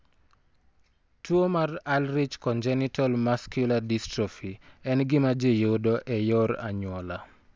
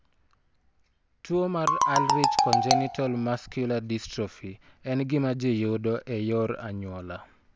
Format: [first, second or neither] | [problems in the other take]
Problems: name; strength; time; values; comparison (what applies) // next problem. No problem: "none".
first | background sound (Marimba, xylophone); 4 dB above the speech